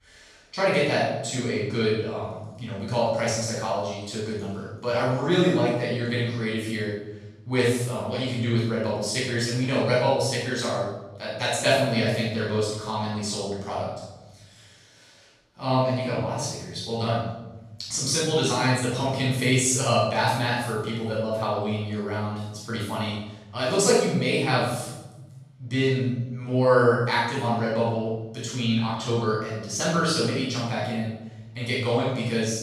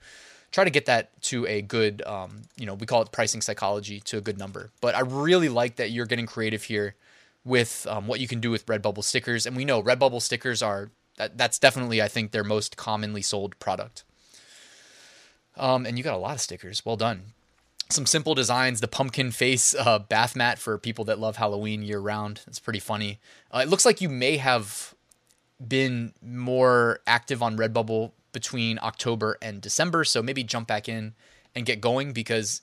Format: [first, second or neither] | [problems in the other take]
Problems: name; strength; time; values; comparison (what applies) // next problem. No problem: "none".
second | off-mic speech; far // room echo; strong; dies away in 1.2 s